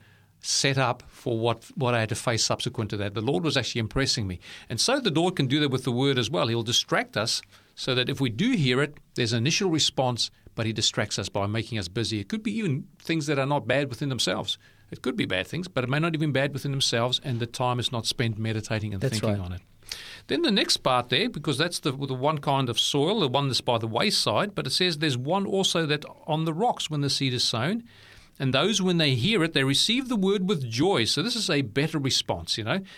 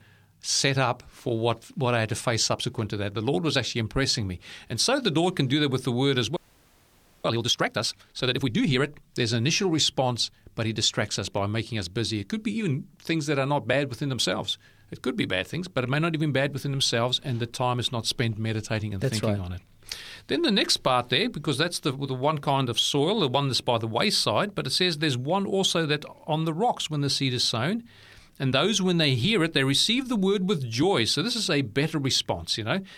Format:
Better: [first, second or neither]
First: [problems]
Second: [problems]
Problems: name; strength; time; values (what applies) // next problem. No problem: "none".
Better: first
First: none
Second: audio freezing; at 6.5 s for 1 s